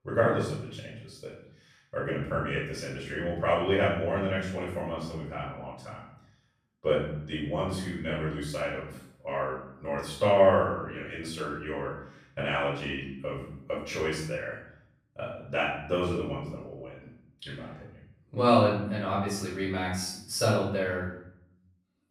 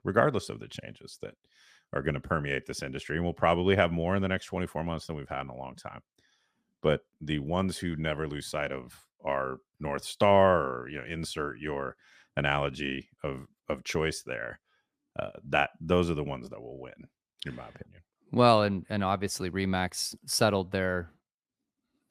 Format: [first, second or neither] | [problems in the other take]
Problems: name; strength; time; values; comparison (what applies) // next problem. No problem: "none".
second | off-mic speech; far // room echo; noticeable; dies away in 0.7 s